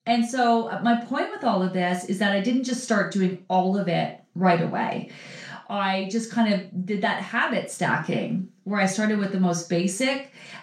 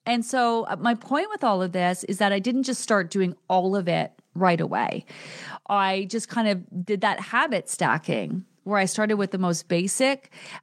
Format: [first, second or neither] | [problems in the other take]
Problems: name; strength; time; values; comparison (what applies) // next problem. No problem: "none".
second | room echo; slight; dies away in 0.3 s // off-mic speech; far